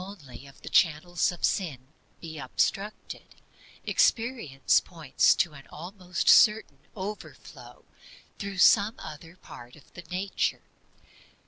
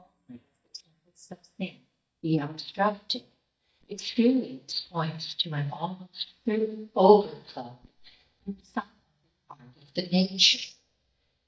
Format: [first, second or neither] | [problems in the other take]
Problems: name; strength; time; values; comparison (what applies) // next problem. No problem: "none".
first | noise reduction (neural mask model DeepFilterNet 3)